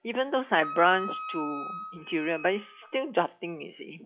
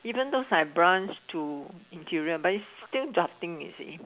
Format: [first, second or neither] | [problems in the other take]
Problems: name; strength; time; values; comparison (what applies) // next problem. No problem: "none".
second | noise reduction (classical method log-MMSE)